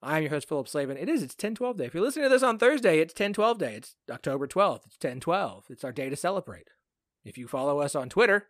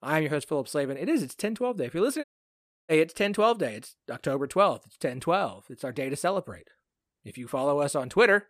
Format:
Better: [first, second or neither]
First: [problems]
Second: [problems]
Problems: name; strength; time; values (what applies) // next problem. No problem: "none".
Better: first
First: none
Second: audio cutting out; at 2 s for 0.5 s